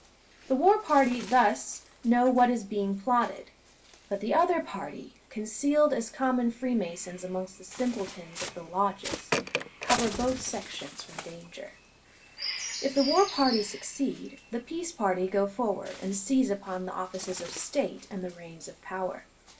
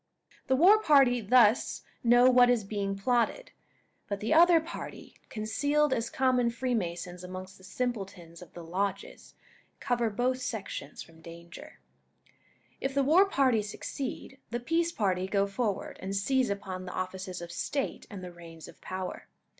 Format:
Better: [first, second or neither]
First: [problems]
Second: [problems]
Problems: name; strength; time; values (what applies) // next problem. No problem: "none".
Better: second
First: background sound (Bird); 12 dB below the speech // room echo; dies away in 0.2 s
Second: none